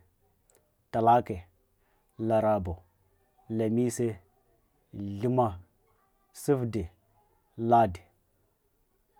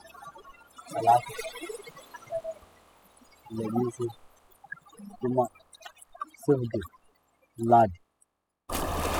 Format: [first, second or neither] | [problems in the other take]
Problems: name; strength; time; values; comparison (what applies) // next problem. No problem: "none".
first | noise reduction (classical method spectral subtraction)